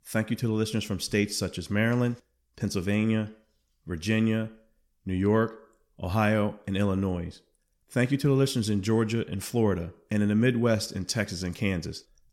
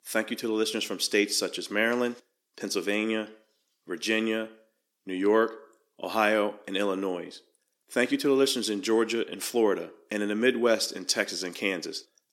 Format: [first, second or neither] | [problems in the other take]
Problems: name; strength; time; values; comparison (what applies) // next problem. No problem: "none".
first | thin; somewhat; fading below 300 Hz